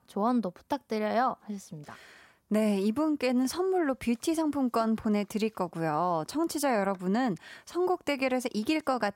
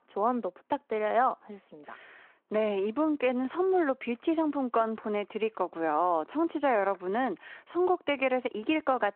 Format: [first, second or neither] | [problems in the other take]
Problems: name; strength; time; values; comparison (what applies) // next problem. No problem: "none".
first | phone-call audio